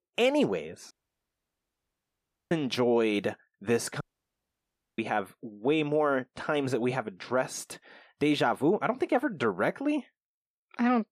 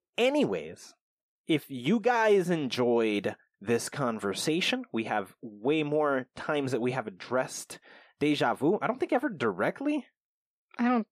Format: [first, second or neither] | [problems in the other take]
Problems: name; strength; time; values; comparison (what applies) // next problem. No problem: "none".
second | audio cutting out; at 1 s for 1.5 s and at 4 s for 1 s